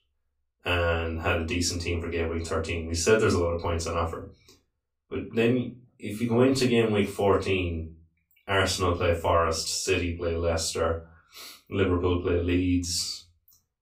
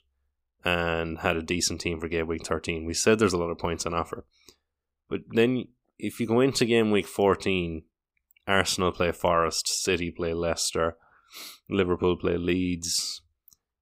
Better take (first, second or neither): second